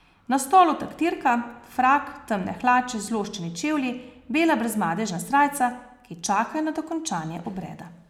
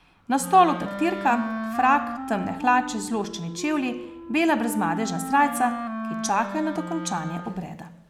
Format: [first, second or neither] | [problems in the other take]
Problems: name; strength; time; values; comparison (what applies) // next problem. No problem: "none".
first | background sound (Wind instrument, woodwind instrument); 9 dB below the speech